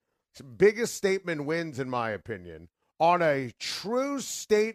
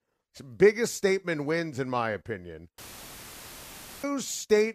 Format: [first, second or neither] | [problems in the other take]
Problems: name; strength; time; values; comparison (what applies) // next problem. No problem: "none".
first | audio cutting out; filled with static; at 3 s for 1.5 s